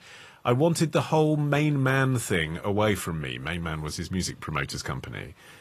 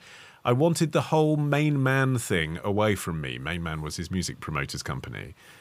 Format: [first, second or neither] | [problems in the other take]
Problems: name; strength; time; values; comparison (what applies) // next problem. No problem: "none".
second | garbled, watery; slightly